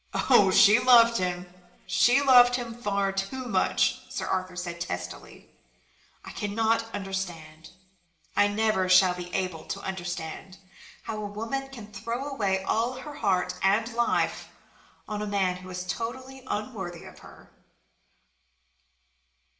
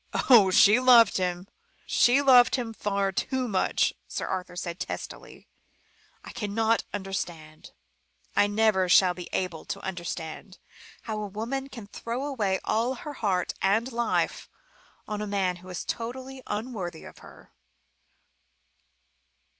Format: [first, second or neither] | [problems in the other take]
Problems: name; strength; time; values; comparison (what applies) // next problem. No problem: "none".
second | room echo; dies away in 0.8 s